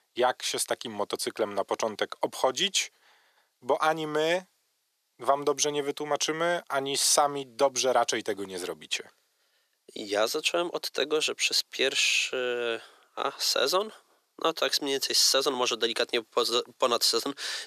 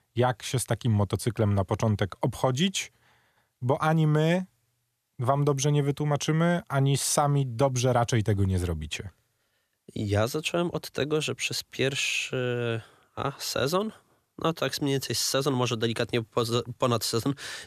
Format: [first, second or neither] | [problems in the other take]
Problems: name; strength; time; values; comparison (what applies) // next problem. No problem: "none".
second | thin; very; fading below 350 Hz